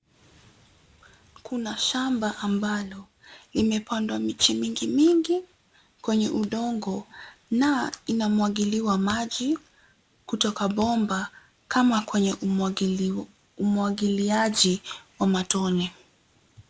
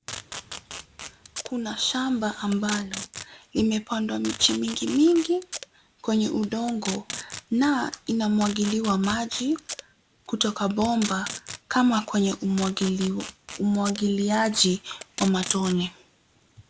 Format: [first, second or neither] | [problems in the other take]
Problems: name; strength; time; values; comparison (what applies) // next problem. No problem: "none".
first | background sound (Packing tape, duct tape); 14 dB below the speech